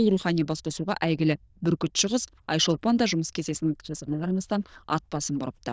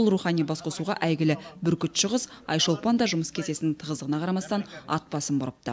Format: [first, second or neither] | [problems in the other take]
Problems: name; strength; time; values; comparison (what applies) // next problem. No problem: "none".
second | noise reduction (neural diffusion model UNIVERSE++)